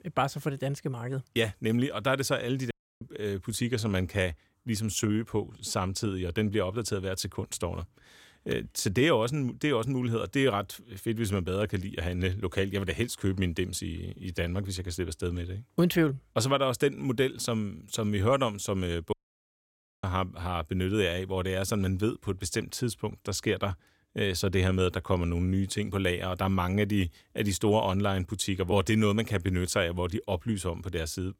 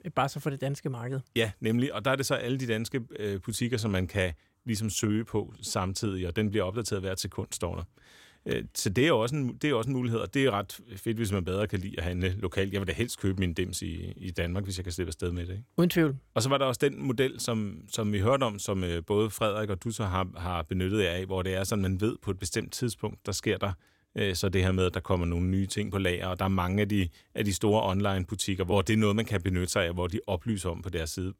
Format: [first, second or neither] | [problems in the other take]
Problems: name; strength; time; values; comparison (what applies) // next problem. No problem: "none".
second | audio cutting out; at 2.5 s and at 19 s for 1 s